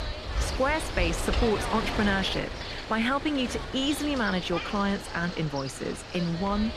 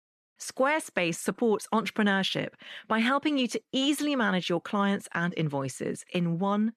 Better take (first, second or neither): second